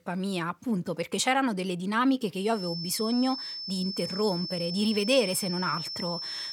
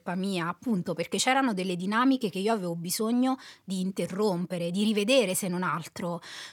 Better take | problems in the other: second | high-pitched whine; loud; from 2.5 s on; 5.5 kHz, 5 dB below the speech

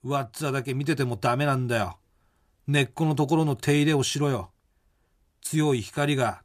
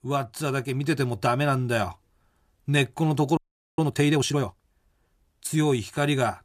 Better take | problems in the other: first | audio freezing; at 3.5 s

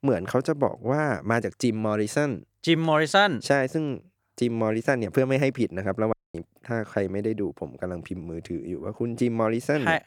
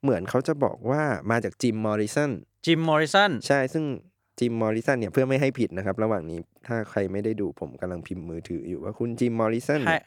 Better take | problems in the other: second | audio cutting out; at 6 s

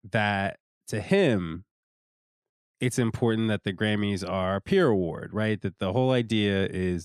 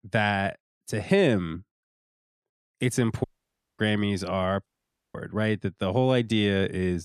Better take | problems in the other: first | audio cutting out; at 3 s for 0.5 s and at 4.5 s

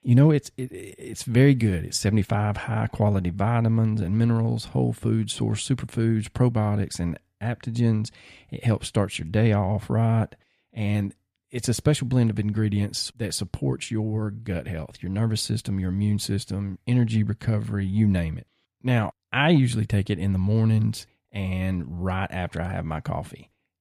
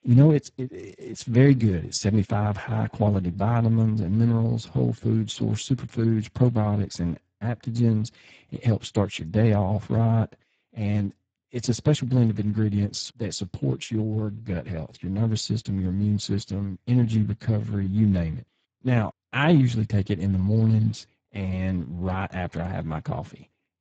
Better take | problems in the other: first | garbled, watery; badly; nothing above 7.5 kHz

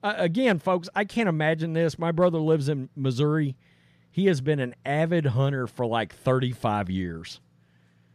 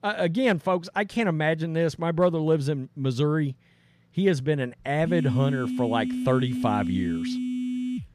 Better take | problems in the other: first | phone ringing; noticeable; from 5 s on; peak 3 dB below the speech

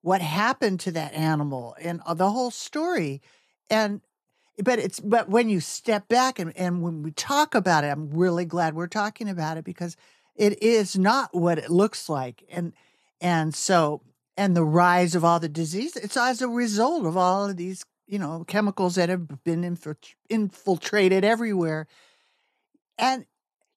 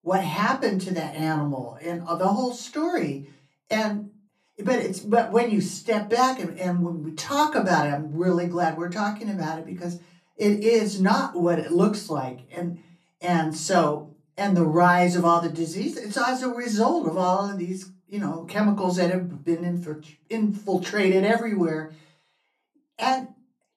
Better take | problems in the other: first | off-mic speech; far // room echo; very slight; dies away in 0.3 s

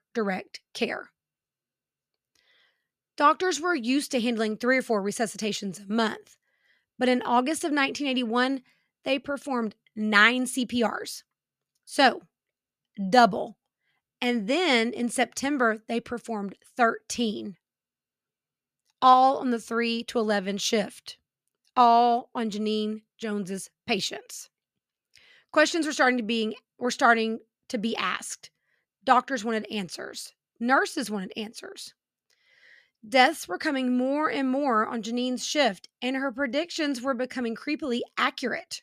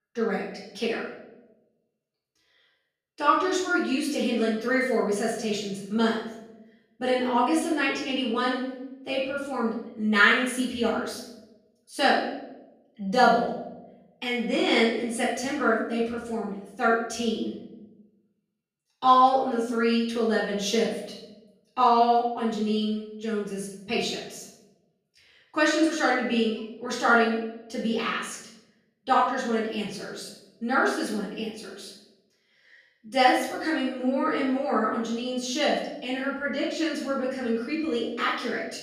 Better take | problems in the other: first | off-mic speech; far // room echo; noticeable; dies away in 0.7 s

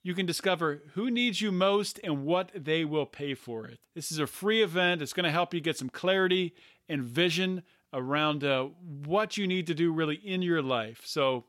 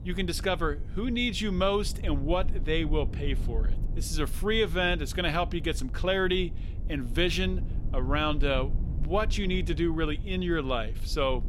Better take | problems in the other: first | low rumble; noticeable; throughout; 20 dB below the speech

